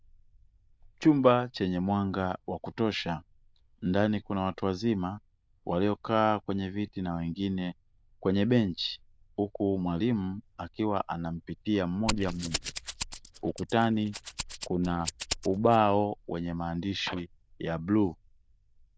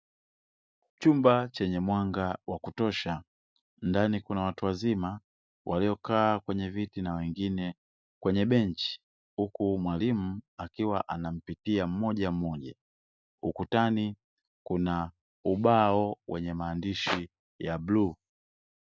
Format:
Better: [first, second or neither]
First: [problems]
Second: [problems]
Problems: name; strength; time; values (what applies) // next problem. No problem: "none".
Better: second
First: noise reduction (neural diffusion model UNIVERSE++)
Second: none